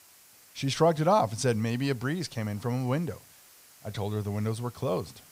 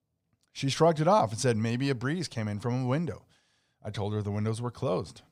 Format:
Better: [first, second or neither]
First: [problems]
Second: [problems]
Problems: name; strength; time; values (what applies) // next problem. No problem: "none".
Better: second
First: hiss; faint; throughout; 25 dB below the speech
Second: none